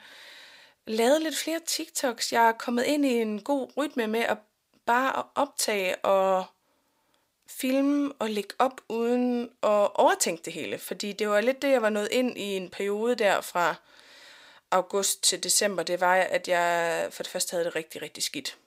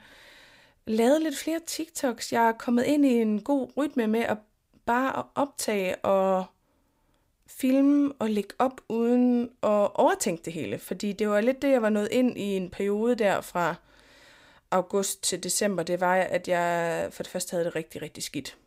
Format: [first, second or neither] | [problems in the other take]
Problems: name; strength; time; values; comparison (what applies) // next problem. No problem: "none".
second | thin; very slightly; fading below 1 kHz